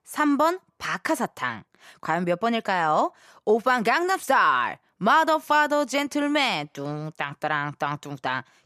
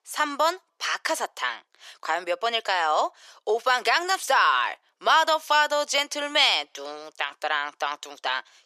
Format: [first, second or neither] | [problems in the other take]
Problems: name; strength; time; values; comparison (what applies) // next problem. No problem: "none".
first | thin; very; fading below 400 Hz